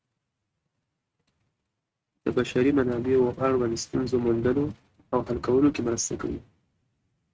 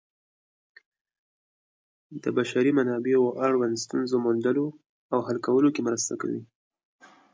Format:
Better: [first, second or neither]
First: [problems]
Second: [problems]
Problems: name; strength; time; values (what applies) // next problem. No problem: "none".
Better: second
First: noise reduction (neural mask model RNNoise)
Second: none